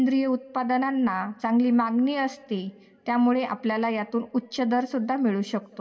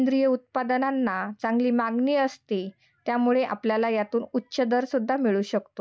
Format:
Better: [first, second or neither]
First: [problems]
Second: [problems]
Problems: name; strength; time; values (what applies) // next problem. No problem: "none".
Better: second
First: room echo; dies away in 0.4 s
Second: none